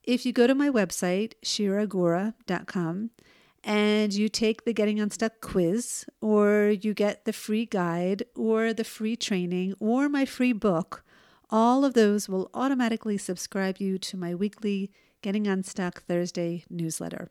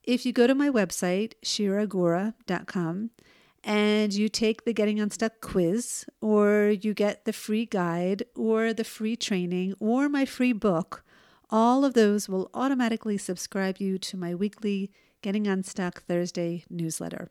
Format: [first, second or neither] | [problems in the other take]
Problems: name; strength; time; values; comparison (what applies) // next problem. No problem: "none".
neither | none